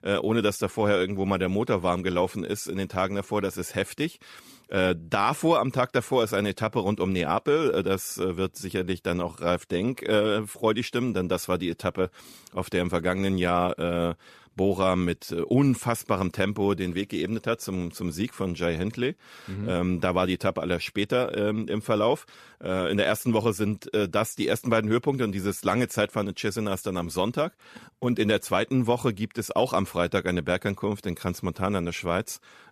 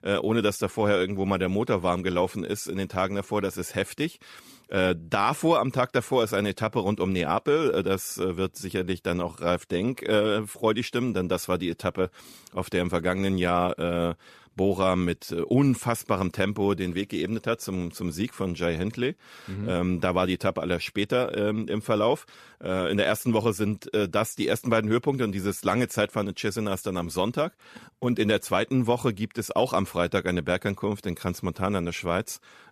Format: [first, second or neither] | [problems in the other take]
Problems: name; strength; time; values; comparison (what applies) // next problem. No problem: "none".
neither | none